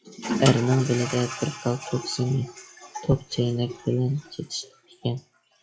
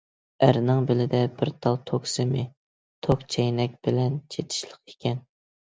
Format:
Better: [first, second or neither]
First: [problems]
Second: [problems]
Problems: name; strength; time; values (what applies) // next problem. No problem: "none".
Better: second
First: noise reduction (classical method WPE with log-MMSE)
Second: none